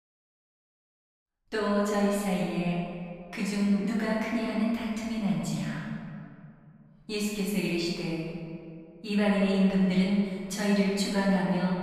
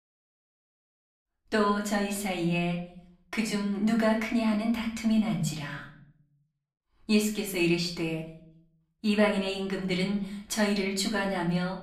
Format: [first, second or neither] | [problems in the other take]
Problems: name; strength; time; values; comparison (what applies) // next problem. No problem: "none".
second | room echo; strong; dies away in 2.1 s; slight in the second // off-mic speech; far; far in the second